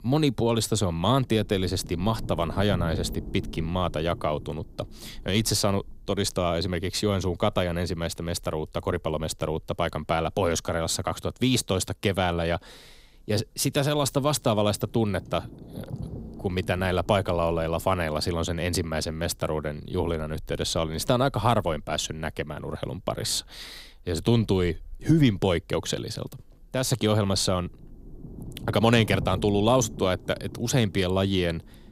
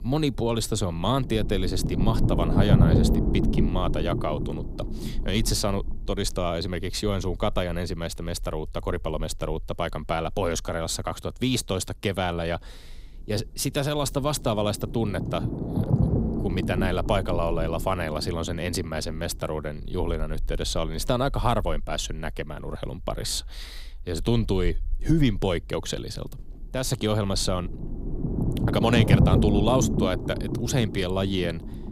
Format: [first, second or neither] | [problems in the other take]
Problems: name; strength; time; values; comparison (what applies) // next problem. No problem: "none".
first | low rumble; loud; throughout; 5 dB below the speech; faint in the first